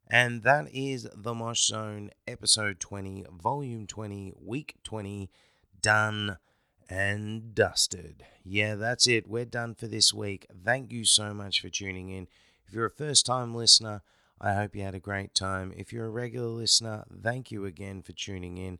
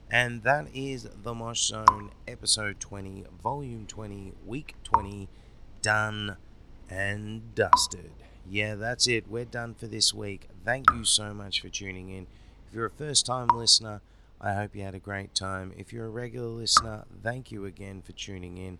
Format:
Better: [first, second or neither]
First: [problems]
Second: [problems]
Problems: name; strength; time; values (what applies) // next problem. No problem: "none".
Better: first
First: none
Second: rain or running water; very loud; throughout; 3 dB above the speech